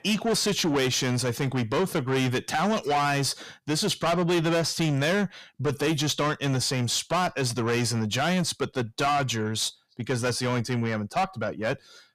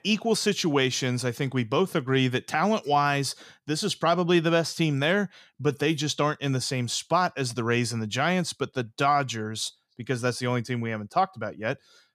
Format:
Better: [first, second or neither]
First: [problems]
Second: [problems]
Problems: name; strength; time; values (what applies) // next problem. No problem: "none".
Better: second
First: distortion; heavy; 7 dB below the speech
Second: none